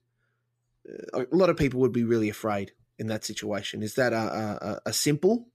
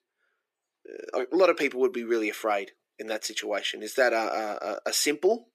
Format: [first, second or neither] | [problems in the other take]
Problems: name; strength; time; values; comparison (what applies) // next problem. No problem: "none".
first | thin; somewhat; fading below 350 Hz